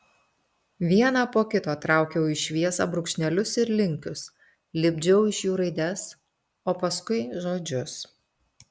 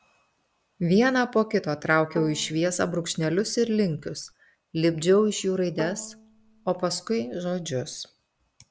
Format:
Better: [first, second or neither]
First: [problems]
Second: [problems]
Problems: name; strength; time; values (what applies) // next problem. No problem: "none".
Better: first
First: none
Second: background sound (Bowed string instrument); 18 dB below the speech